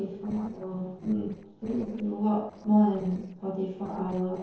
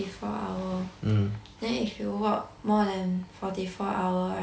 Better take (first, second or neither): second